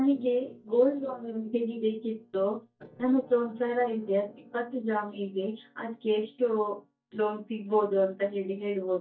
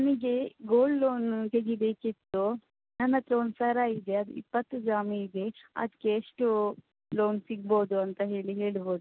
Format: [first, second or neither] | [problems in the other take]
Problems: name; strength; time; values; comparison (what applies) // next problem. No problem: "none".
second | noise reduction (neural mask model DeepFilterNet 3)